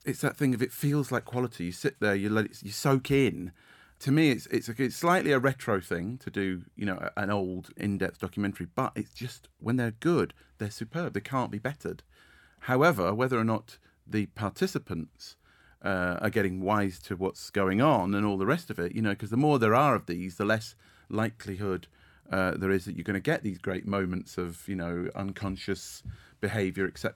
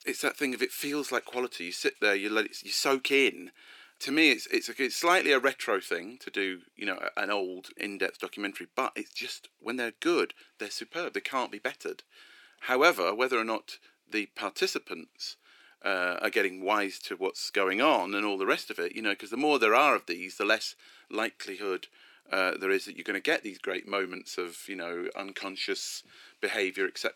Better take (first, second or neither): first